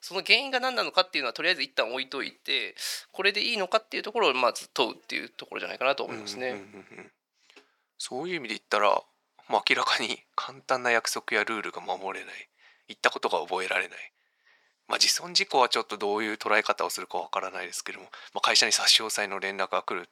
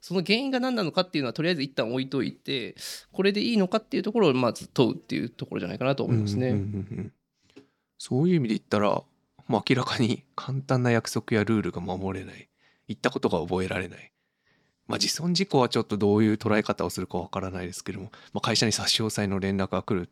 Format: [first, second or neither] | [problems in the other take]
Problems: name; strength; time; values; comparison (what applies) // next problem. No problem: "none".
second | thin; very; fading below 750 Hz